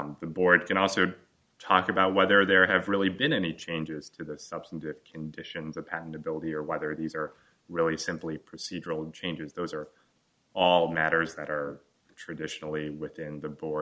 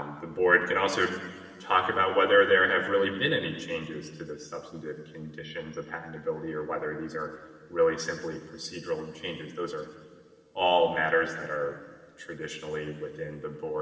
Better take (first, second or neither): first